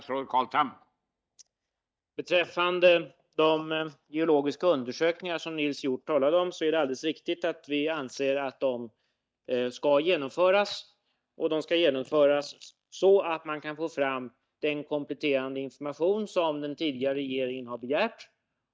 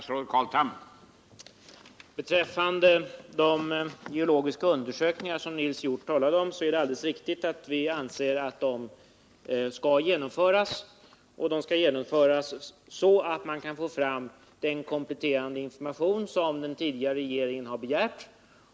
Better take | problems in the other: second | noise reduction (neural mask model DeepFilterNet 3)

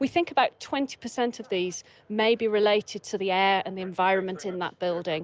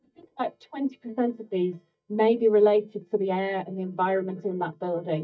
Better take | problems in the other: first | noise reduction (neural mask model DeepFilterNet 3)

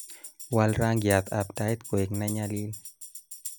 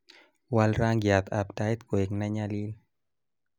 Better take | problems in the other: second | background sound (Tambourine); 14 dB below the speech

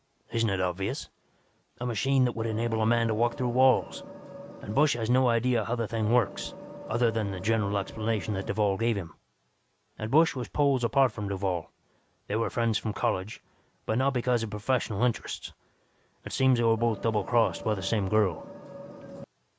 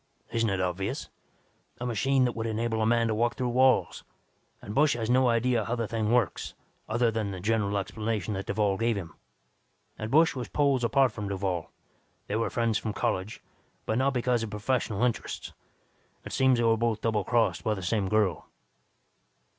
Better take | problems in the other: second | background sound (Vehicle); 14 dB below the speech

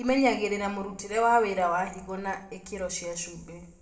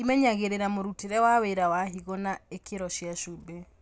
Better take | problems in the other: second | room echo; dies away in 0.8 s

